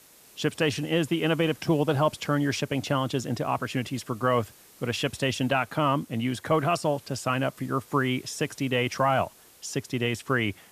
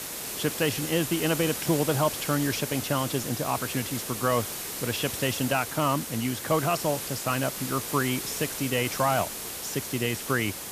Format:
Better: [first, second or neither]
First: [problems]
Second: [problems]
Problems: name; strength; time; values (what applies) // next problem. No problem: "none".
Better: first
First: hiss; faint; throughout; 25 dB below the speech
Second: hiss; loud; throughout; 4 dB below the speech